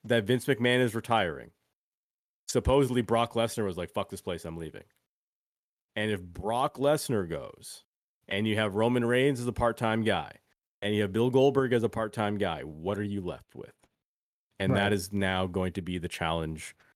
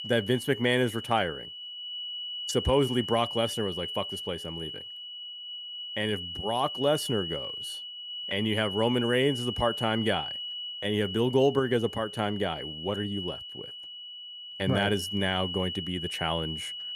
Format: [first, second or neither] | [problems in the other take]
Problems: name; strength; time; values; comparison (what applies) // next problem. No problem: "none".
first | high-pitched whine; loud; throughout; 3 kHz, 6 dB below the speech